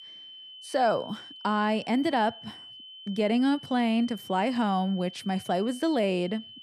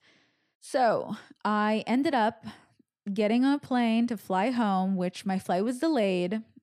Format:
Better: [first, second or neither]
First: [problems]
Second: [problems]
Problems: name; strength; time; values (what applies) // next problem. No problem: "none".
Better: second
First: high-pitched whine; noticeable; throughout; 3 kHz, 15 dB below the speech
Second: none